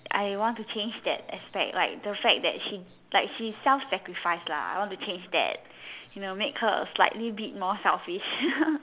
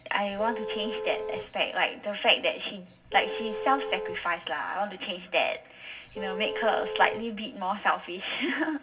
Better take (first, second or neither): first